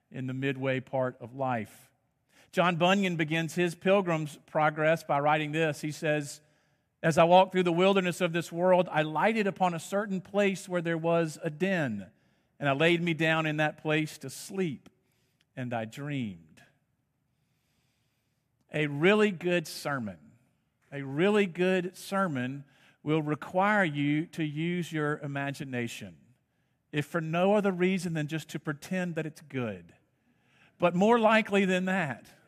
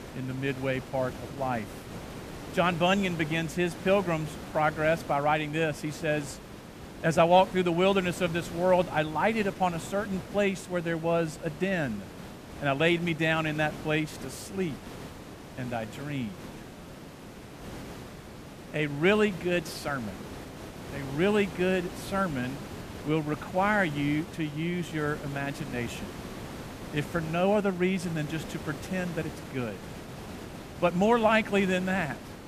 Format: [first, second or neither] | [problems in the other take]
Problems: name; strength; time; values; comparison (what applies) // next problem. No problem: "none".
first | hiss; noticeable; throughout; 15 dB below the speech